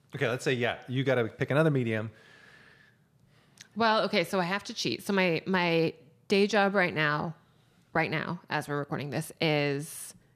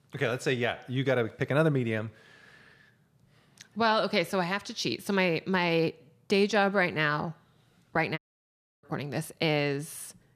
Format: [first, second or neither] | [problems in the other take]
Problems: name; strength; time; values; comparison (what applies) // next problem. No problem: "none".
first | audio cutting out; at 8 s for 0.5 s